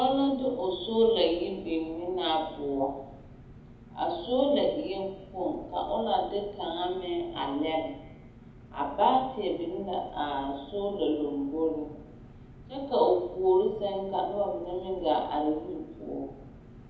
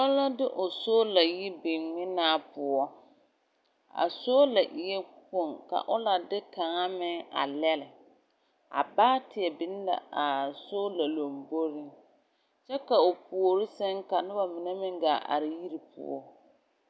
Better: second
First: background sound (Engine); 19 dB below the speech // room echo; dies away in 1 s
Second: none

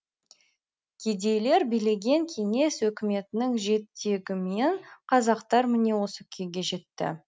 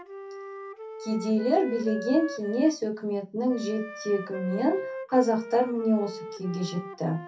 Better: first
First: none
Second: background sound (Wind instrument, woodwind instrument); 12 dB below the speech // room echo; dies away in 0.3 s

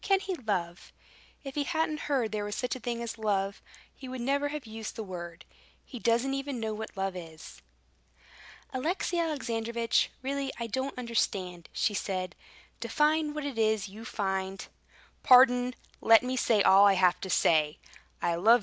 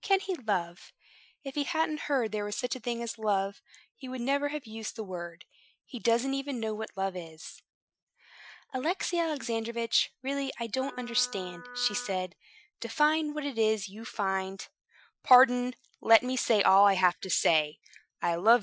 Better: first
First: none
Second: noise reduction (classical method Wiener filter)

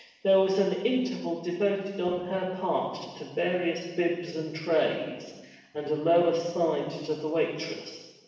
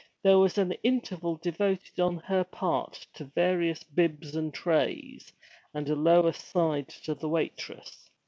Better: second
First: room echo; dies away in 1 s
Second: none

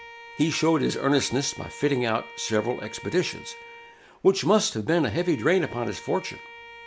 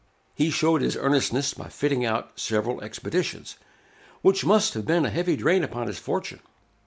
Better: second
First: background sound (Bowed string instrument); 18 dB below the speech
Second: none

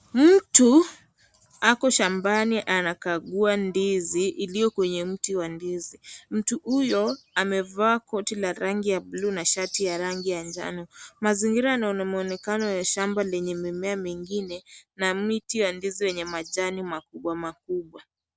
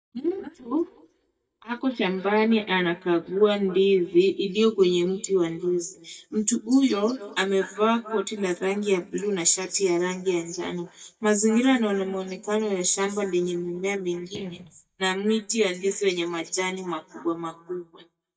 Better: first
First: none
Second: noise reduction (neural mask model DeepFilterNet 3)

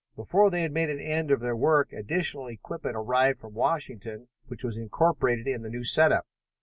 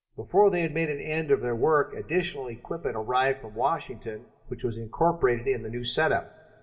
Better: first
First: none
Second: room echo; dies away in 0.8 s

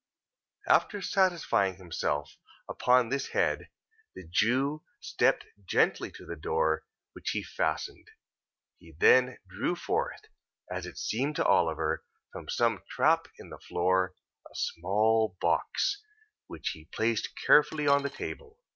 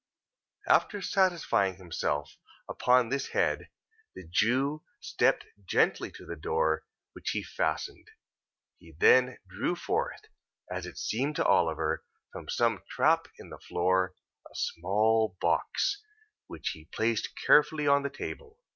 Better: second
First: background sound (Coin (dropping)); 14 dB below the speech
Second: none

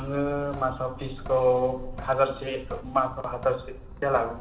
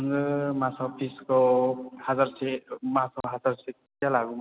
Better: second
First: background sound (Drip / Sink (filling or washing)); 13 dB below the speech // room echo; dies away in 1.9 s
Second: none

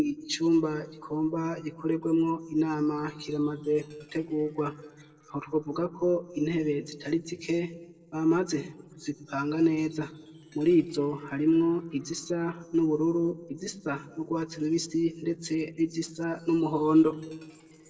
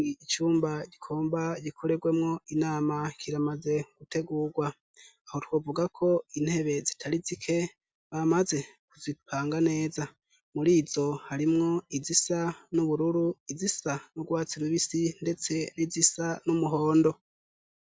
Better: second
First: noise reduction (neural separator model SepFormer DNS4)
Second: none

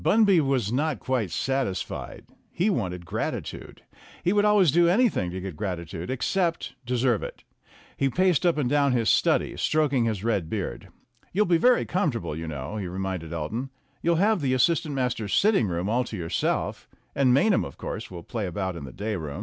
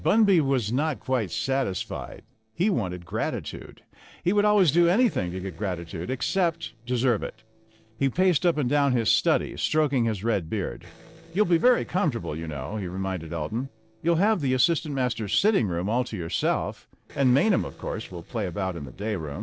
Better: first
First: none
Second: noise reduction (neural separator model SepFormer DNS4)

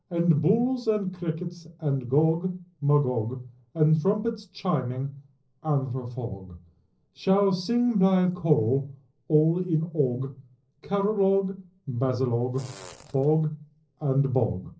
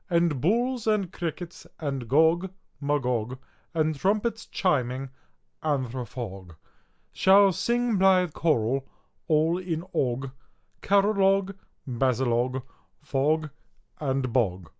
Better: second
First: noise reduction (neural separator model SepFormer DNS4)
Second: none

